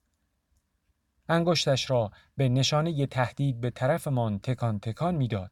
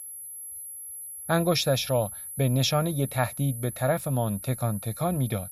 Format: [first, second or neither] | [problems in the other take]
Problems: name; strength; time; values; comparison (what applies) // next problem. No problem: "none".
first | high-pitched whine; loud; throughout; 11 kHz, 10 dB below the speech